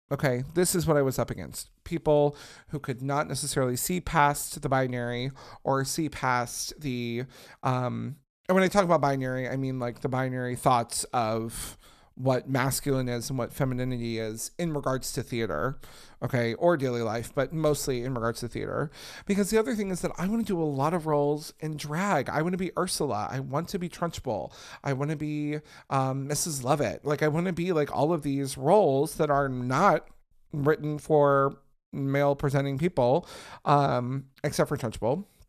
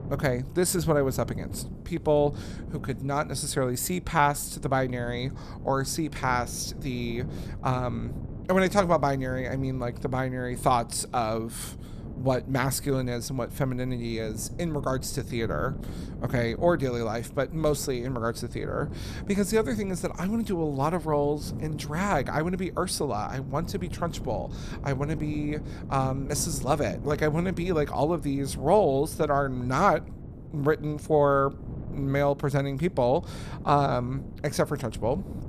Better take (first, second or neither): first